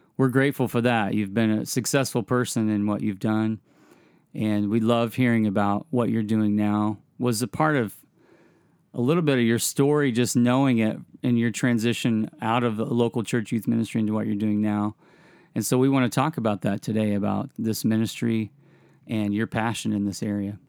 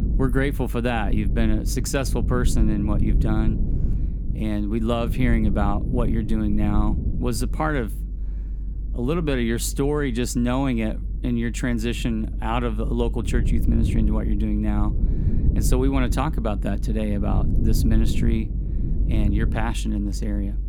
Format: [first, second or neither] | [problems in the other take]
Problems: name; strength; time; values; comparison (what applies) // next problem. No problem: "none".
first | low rumble; noticeable; throughout; 10 dB below the speech